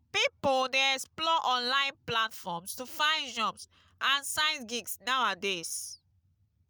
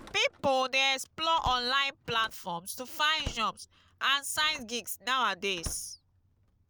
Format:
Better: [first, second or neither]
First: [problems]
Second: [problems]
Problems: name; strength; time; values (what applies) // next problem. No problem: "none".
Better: first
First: none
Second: background sound (Slam); 17 dB below the speech